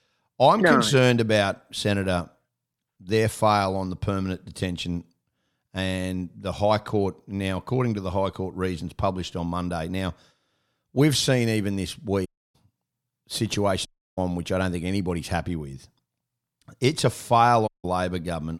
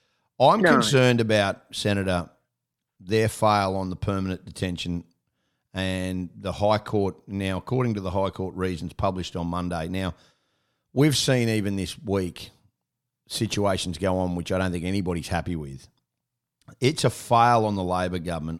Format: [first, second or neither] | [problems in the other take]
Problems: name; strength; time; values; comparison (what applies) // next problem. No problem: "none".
second | audio cutting out; at 12 s, at 14 s and at 18 s